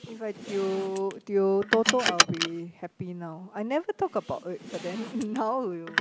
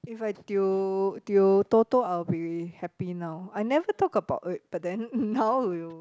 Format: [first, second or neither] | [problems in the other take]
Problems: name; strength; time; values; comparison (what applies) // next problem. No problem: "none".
second | background sound (Car); 3 dB below the speech